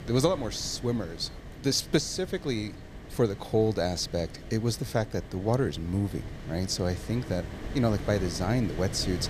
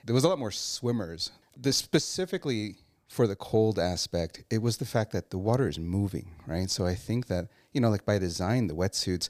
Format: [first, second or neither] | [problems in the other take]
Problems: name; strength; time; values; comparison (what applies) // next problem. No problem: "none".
second | wind noise on the microphone; occasional gusts; 15 dB below the speech